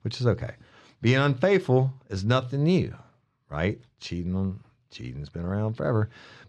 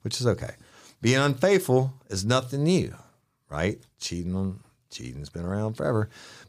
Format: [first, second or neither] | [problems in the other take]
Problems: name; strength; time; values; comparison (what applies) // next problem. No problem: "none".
second | muffled; very slightly; fading above 3 kHz